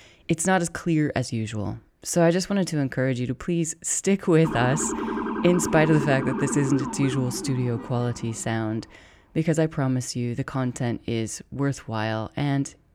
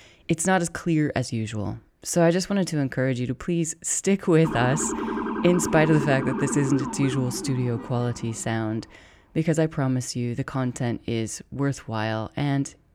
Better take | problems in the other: neither | siren; noticeable; from 4.5 to 8.5 s; peak 3 dB below the speech; the same in both

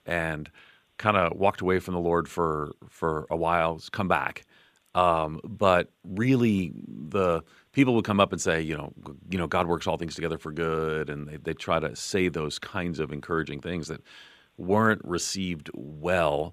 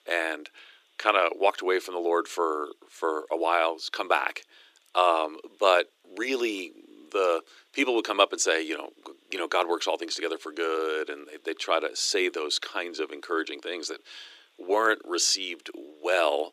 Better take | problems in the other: first | thin; very; fading below 300 Hz

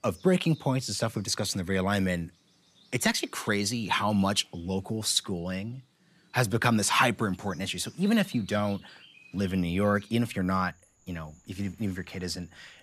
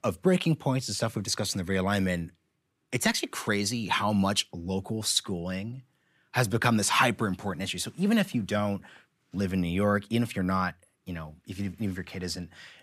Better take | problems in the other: second | animal sounds; faint; throughout; 25 dB below the speech

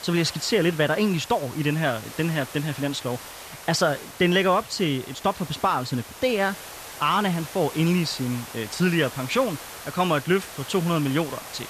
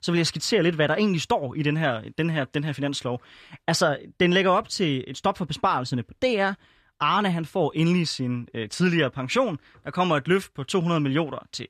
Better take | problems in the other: second | hiss; noticeable; throughout; 15 dB below the speech

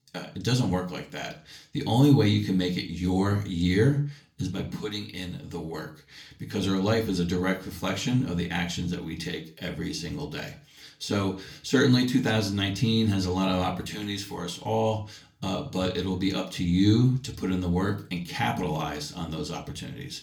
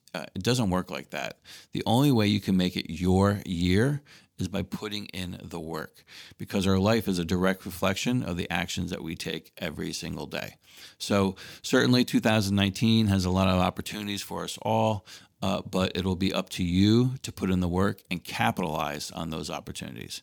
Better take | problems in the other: second | room echo; very slight; dies away in 0.3 s // off-mic speech; somewhat distant

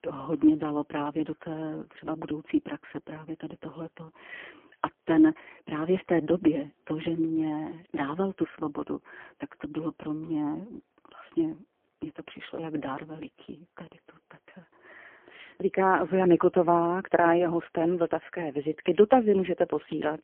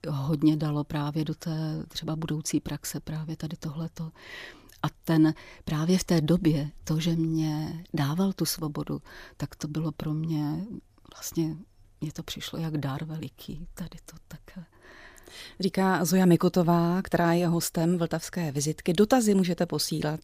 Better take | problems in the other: second | phone-call audio; poor line; nothing above 3 kHz

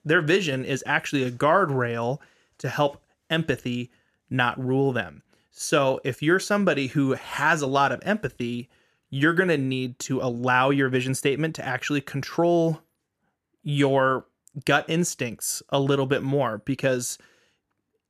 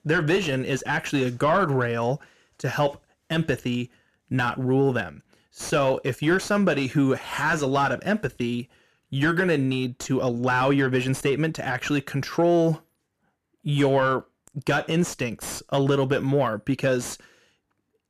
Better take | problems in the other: first | distortion; slight; 10 dB below the speech

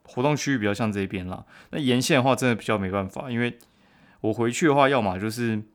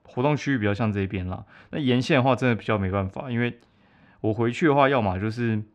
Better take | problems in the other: first | muffled; slightly; fading above 3.5 kHz

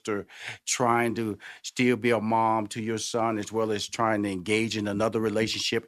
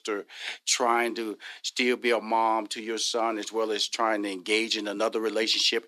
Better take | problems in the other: first | thin; somewhat; fading below 300 Hz

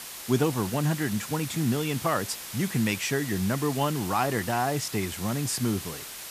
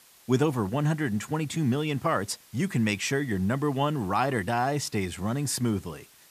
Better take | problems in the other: second | hiss; loud; throughout; 9 dB below the speech; faint in the second

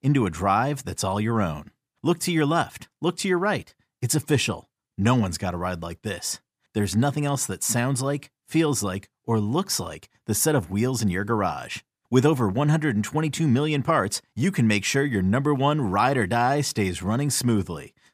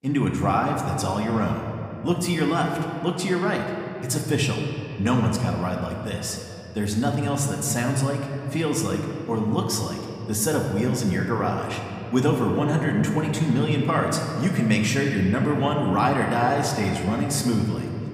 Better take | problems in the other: first | room echo; slight; dies away in 2.6 s

